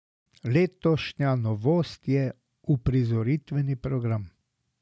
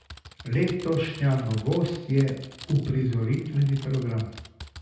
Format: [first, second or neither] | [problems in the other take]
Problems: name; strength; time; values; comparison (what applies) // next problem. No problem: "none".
first | background sound (Typing); 19 dB below the speech // room echo; dies away in 0.9 s